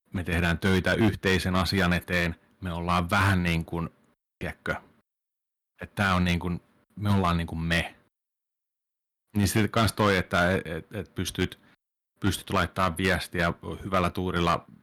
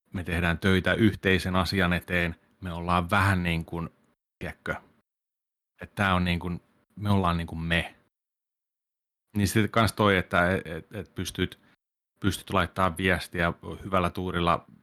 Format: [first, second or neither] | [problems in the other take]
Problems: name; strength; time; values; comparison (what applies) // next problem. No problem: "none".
second | distortion; slight; 3% of the sound clipped